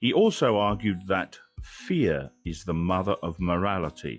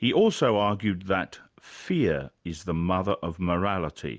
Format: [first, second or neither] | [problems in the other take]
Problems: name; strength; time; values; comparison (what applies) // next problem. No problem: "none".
second | noise reduction (classical method log-MMSE)